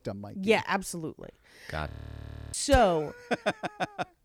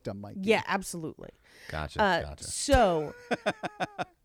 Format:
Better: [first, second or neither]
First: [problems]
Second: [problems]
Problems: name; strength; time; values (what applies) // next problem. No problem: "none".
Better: second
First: audio freezing; at 2 s for 0.5 s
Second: none